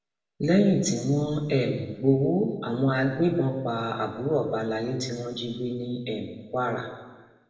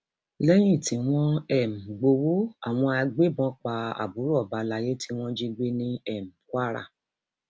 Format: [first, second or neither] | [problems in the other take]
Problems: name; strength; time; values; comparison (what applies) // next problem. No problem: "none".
second | room echo; dies away in 1.2 s